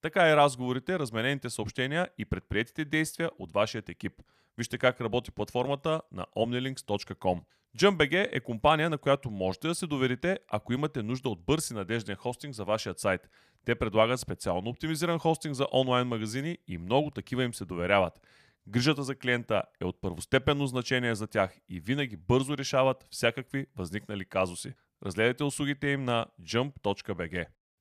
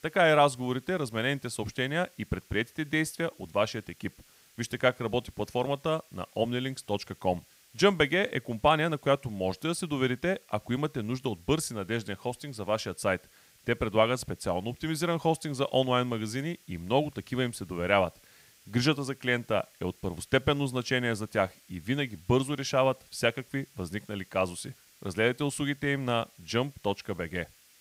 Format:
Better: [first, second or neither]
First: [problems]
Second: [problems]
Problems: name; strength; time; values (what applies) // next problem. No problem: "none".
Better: first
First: none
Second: hiss; faint; throughout; 25 dB below the speech